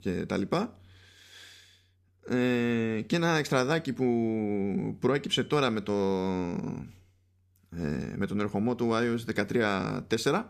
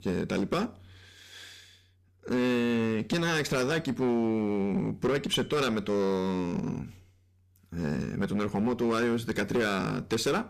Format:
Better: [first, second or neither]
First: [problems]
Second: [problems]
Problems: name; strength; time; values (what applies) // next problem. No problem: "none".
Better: first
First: none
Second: distortion; heavy; 11% of the sound clipped